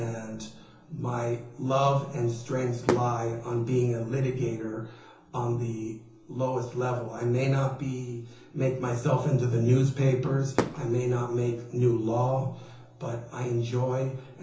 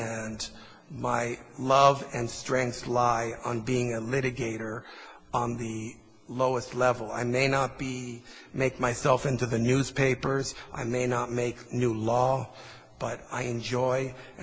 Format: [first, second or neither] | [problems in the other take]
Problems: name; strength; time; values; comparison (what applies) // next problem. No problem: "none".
second | background sound (Fireworks); 11 dB below the speech // room echo; dies away in 0.7 s